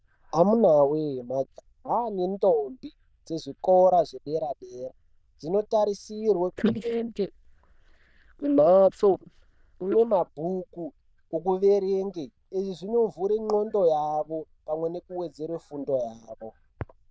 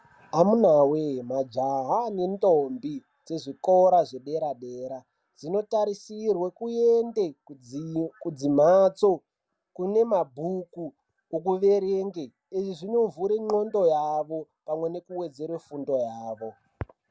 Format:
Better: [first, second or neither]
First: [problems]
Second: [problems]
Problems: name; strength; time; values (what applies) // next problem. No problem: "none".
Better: second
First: noise reduction (neural diffusion model UNIVERSE++)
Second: none